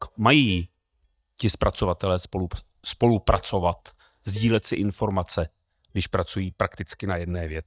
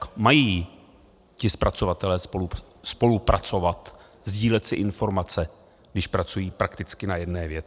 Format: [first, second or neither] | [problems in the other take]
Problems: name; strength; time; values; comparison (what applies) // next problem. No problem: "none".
second | noise reduction (neural mask model DeepFilterNet 3)